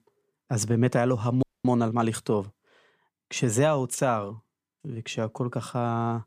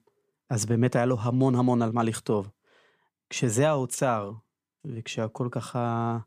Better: second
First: audio cutting out; at 1.5 s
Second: none

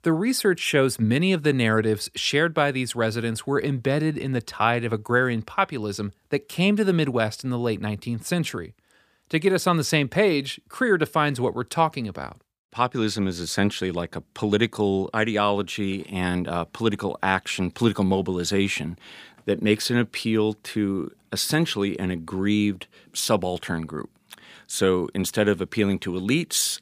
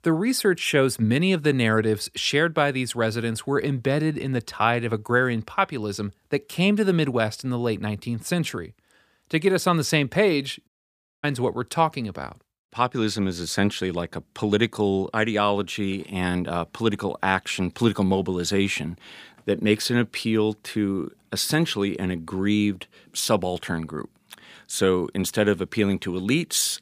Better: first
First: none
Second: audio cutting out; at 11 s for 0.5 s

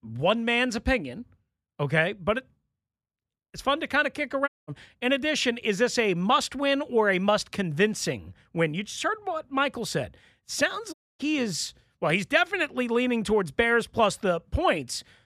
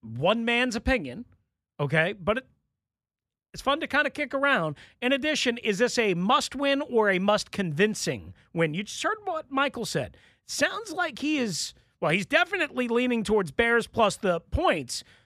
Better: second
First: audio cutting out; at 4.5 s and at 11 s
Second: none

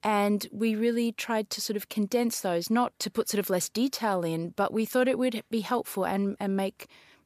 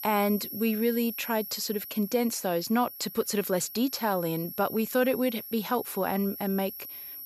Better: first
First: none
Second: high-pitched whine; loud; throughout; 11.5 kHz, 9 dB below the speech

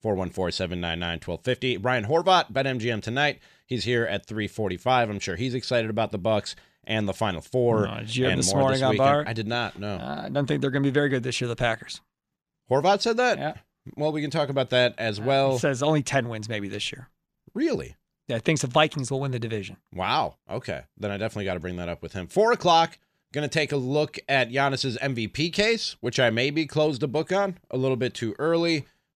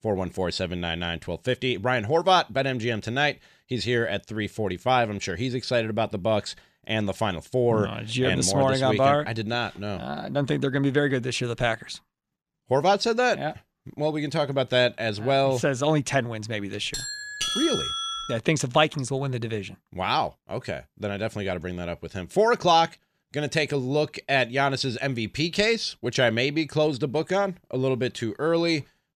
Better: first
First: none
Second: doorbell; loud; from 17 to 18 s; peak level with the speech

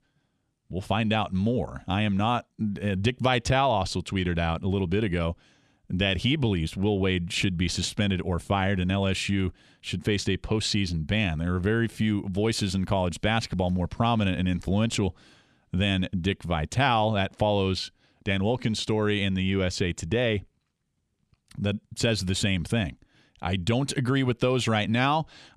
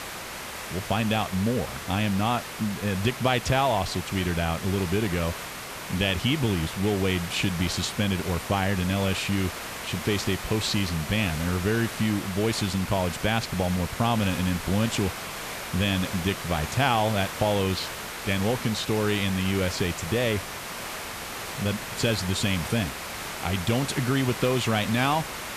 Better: first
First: none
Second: hiss; loud; throughout; 8 dB below the speech

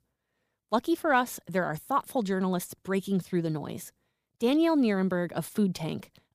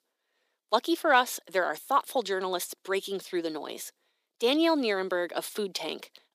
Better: first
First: none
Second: thin; somewhat; fading below 350 Hz

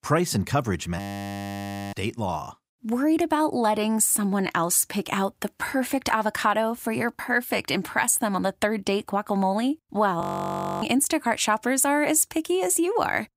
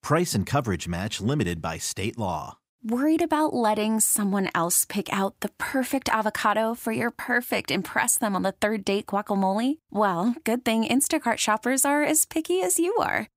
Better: second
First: audio freezing; at 1 s for 1 s and at 10 s for 0.5 s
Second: none

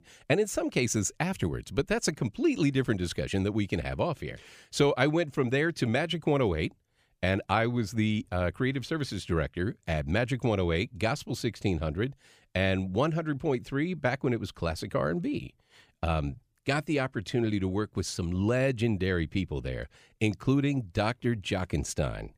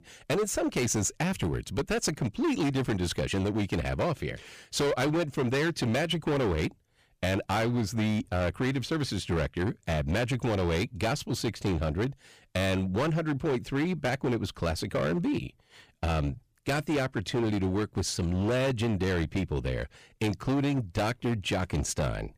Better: first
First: none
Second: distortion; heavy; 18% of the sound clipped

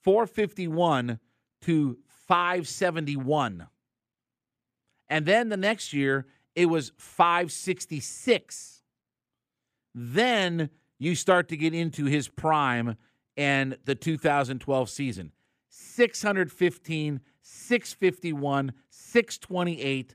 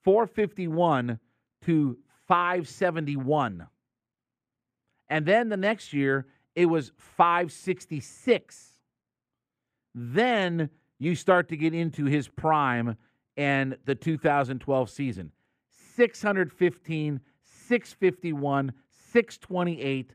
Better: first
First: none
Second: muffled; slightly; fading above 3 kHz

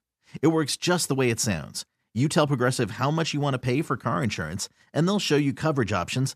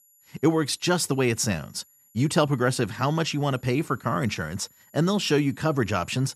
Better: first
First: none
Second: high-pitched whine; faint; throughout; 7 kHz, 30 dB below the speech

